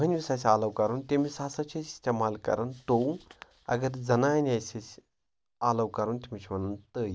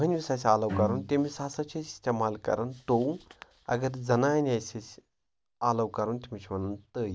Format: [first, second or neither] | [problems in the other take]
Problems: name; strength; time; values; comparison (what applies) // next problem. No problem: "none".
first | background sound (Bowed string instrument); 8 dB below the speech